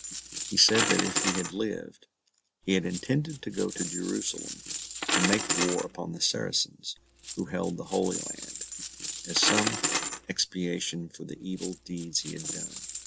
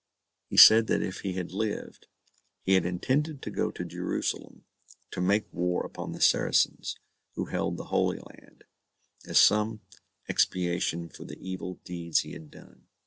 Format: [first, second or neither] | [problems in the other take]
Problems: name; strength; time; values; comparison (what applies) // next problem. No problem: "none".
second | background sound (Coin (dropping)); 2 dB below the speech